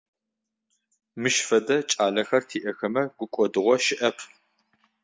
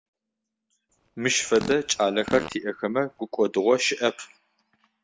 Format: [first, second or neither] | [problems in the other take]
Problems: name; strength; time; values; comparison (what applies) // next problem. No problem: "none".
first | background sound (Fart); 12 dB below the speech